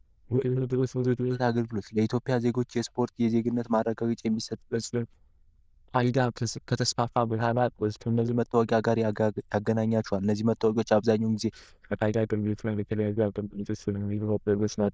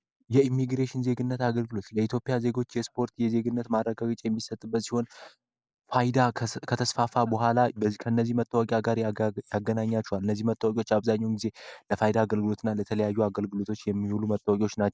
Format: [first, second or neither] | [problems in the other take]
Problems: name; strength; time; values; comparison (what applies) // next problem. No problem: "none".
second | noise reduction (neural diffusion model UNIVERSE++)